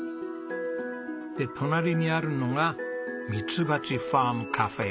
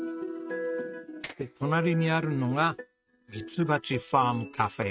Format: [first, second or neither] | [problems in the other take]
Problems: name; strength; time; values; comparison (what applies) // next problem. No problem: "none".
first | noise reduction (neural mask model RNNoise)